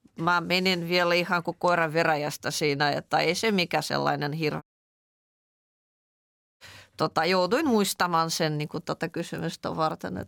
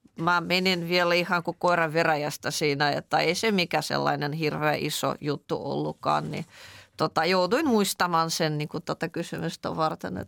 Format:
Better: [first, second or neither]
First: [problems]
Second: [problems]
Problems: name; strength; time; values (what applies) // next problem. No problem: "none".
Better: second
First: audio cutting out; at 4.5 s for 2 s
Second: none